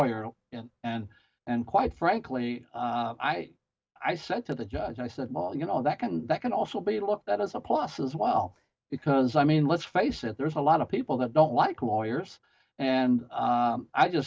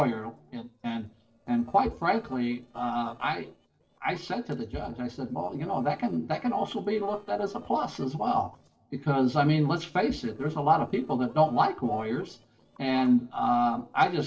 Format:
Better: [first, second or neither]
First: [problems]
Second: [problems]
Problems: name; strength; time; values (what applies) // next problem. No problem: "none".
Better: first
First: none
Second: noise reduction (neural separator model SepFormer DNS4)